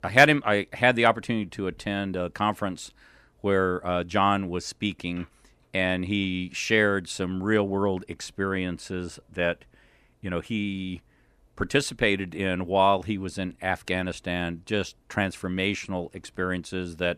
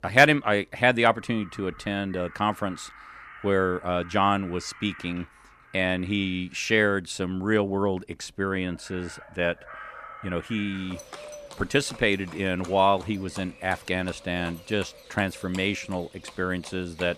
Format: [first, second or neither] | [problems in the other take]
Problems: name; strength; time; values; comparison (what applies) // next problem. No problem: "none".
first | animal sounds; noticeable; throughout; 20 dB below the speech